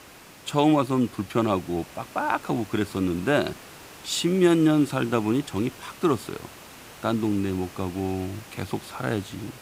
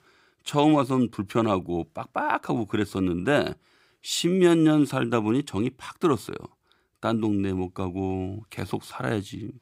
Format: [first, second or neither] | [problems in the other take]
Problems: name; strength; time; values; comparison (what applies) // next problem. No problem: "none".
second | hiss; noticeable; throughout; 20 dB below the speech